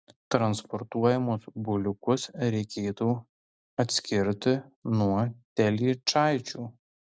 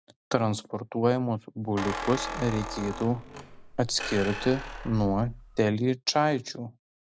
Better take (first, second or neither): first